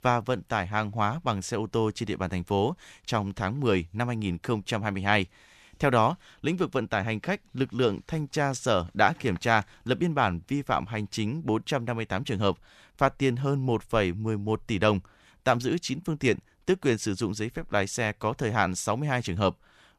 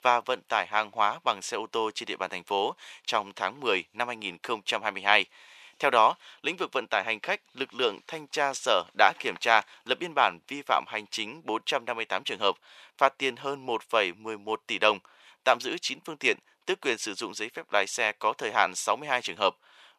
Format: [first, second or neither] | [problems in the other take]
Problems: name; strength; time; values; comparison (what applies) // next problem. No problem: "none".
first | thin; very; fading below 550 Hz